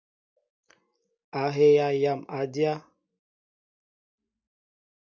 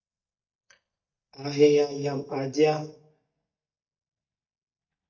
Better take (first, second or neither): first